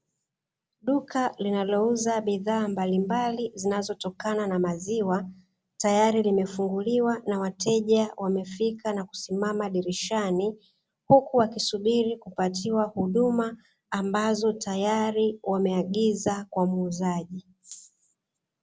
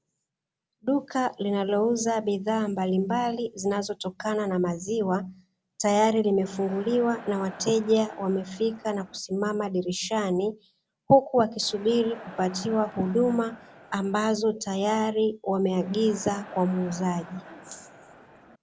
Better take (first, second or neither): first